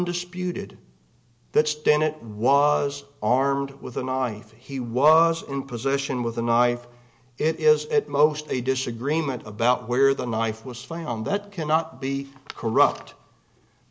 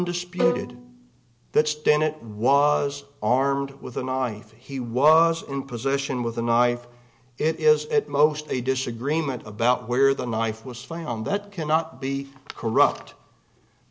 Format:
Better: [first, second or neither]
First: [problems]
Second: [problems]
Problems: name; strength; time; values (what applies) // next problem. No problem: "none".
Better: first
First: none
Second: background sound (Bowed string instrument); 4 dB below the speech